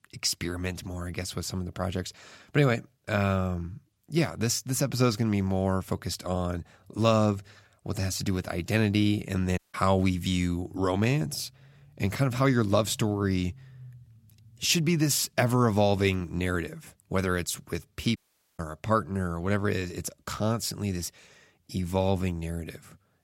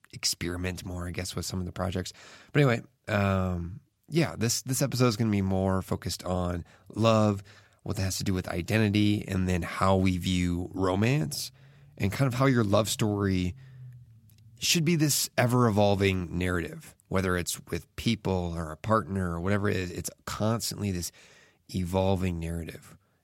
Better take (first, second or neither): second